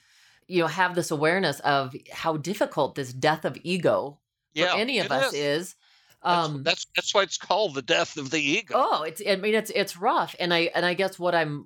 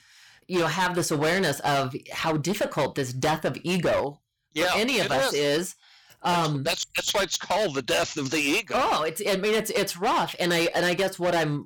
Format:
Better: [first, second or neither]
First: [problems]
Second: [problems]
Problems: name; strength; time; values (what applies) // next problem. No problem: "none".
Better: first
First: none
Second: distortion; heavy; 19% of the sound clipped